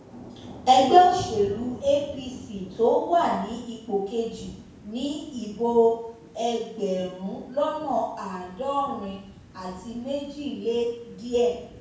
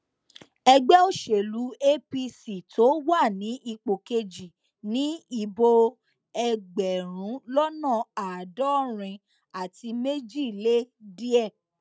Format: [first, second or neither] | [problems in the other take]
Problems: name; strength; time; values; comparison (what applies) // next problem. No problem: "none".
second | background sound (Thunder / Rain); 19 dB below the speech // room echo; dies away in 0.7 s